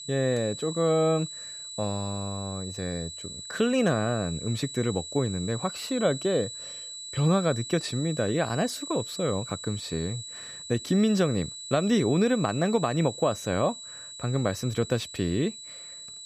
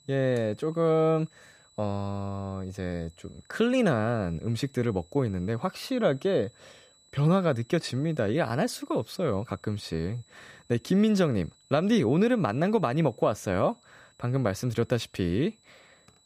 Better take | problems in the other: second | high-pitched whine; loud; throughout; 4 kHz, 10 dB below the speech; faint in the second

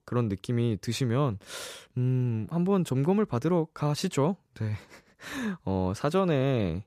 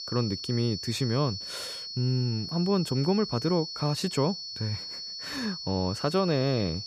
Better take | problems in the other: first | high-pitched whine; loud; throughout; 4.5 kHz, 7 dB below the speech

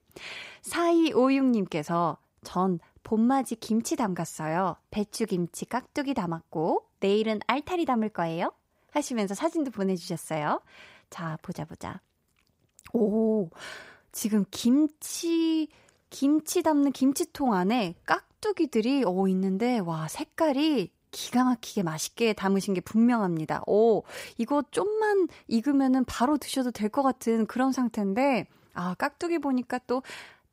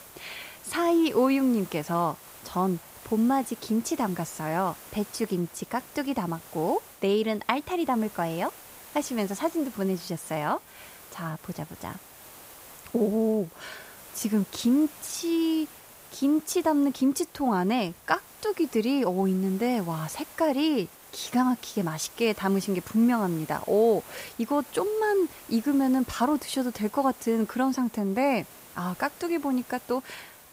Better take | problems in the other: first | hiss; noticeable; throughout; 20 dB below the speech

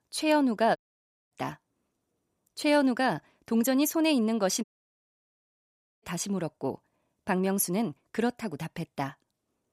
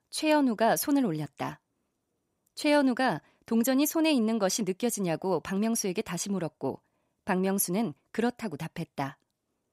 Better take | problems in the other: second | audio cutting out; at 1 s for 0.5 s and at 4.5 s for 1.5 s

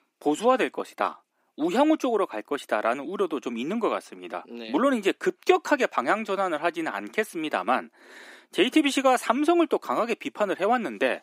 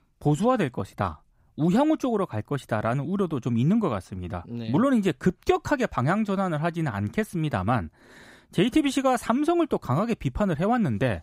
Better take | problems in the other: second | thin; somewhat; fading below 300 Hz

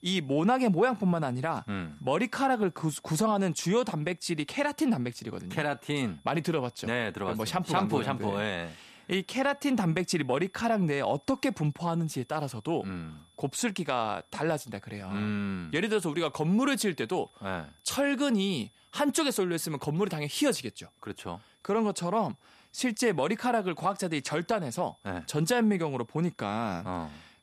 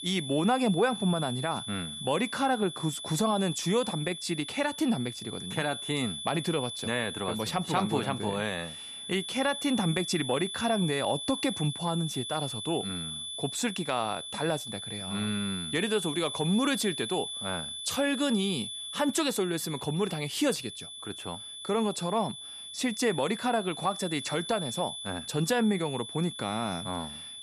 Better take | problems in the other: first | high-pitched whine; loud; throughout; 3.5 kHz, 7 dB below the speech; faint in the first

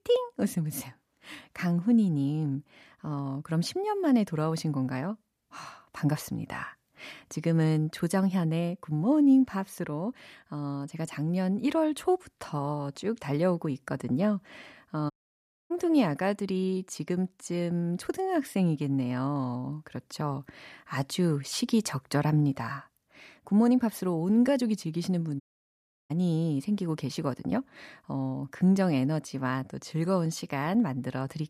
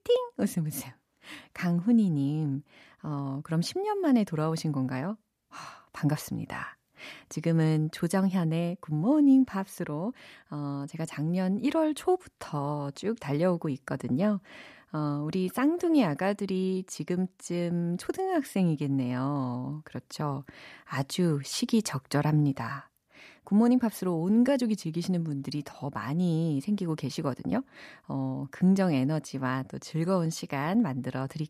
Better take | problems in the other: second | audio cutting out; at 15 s for 0.5 s and at 25 s for 0.5 s

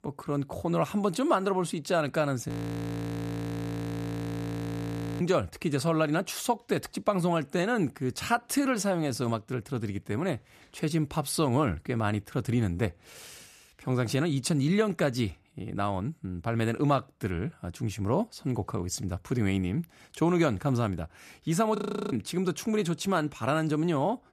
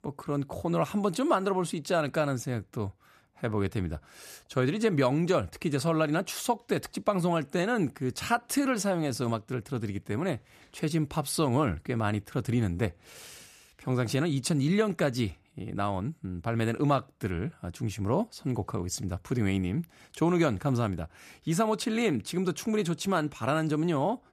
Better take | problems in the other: second | audio freezing; at 2.5 s for 2.5 s and at 22 s

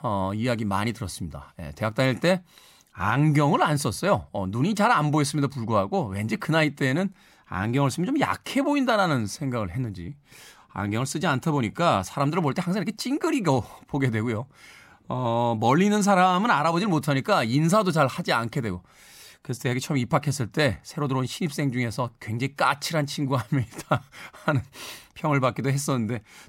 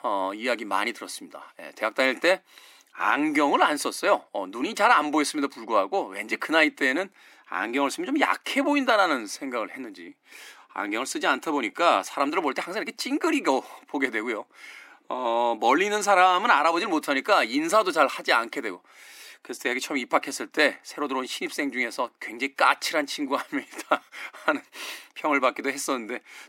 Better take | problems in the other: first | thin; somewhat; fading below 300 Hz

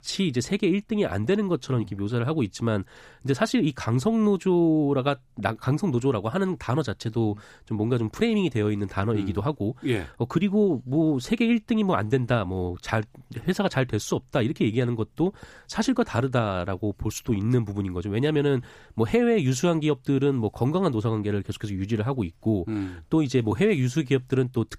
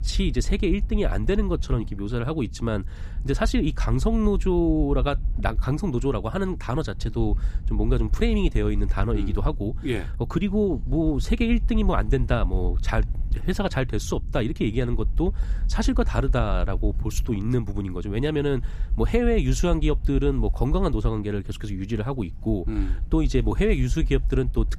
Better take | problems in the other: first | low rumble; faint; throughout; 20 dB below the speech

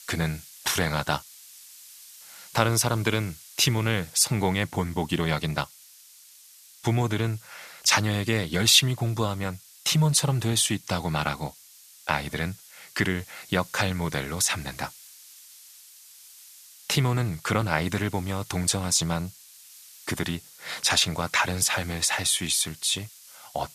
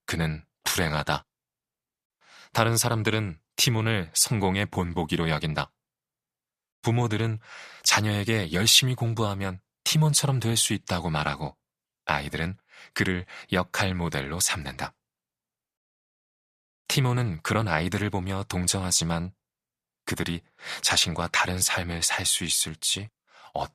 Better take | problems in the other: second | hiss; faint; throughout; 20 dB below the speech

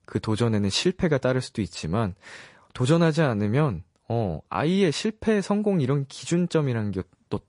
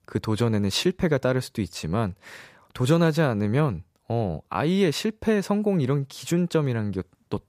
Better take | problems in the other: second | garbled, watery; slightly; nothing above 10.5 kHz

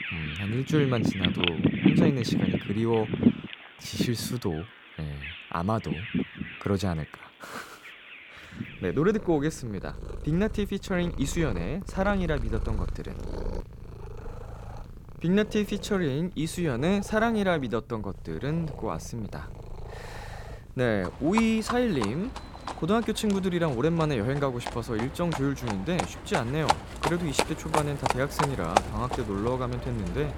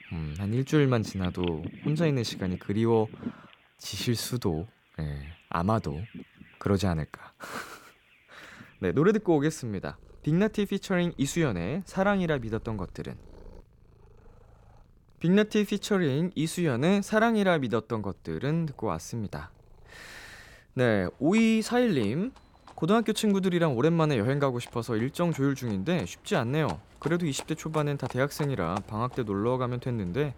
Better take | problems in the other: second | animal sounds; loud; throughout; 4 dB below the speech; faint in the second

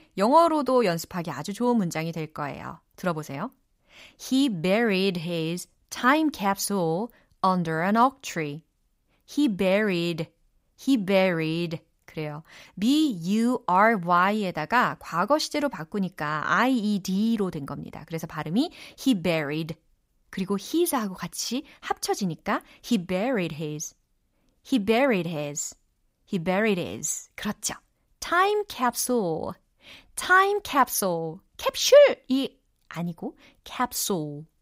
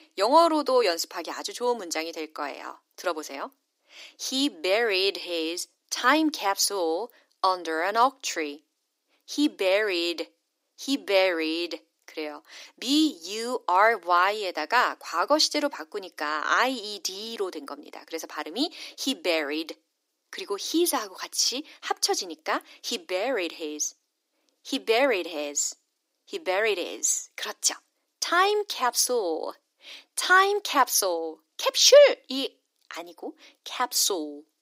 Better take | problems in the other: first | thin; somewhat; fading below 300 Hz

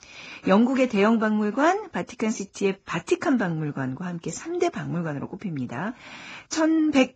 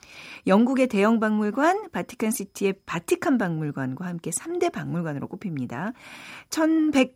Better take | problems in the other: second | garbled, watery; badly; nothing above 7.5 kHz

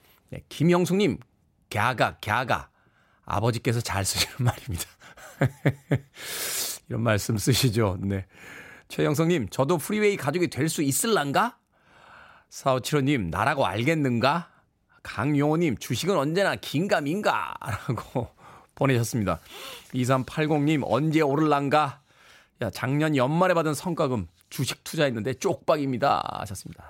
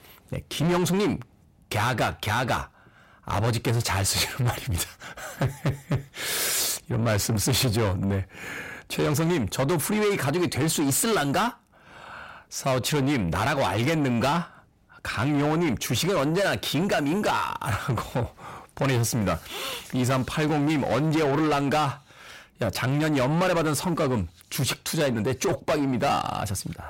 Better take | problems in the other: first | distortion; heavy; 6 dB below the speech

